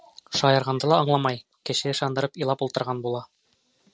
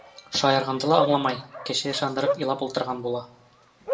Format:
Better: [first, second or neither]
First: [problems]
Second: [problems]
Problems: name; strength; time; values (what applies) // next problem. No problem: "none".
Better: first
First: none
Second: background sound (Bark); 7 dB below the speech // room echo; dies away in 0.6 s